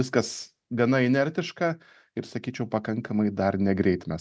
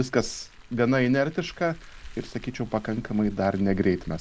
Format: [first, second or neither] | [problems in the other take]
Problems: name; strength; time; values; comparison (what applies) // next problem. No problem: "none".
first | background sound (Car); 16 dB below the speech